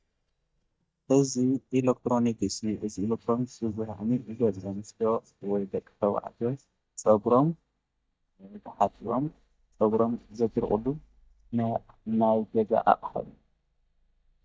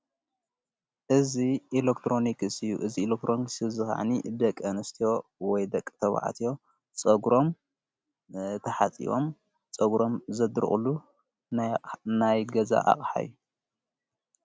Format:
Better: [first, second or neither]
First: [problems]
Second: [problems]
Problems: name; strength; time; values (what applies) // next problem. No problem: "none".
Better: second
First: noise reduction (neural mask model DeepFilterNet 3)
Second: none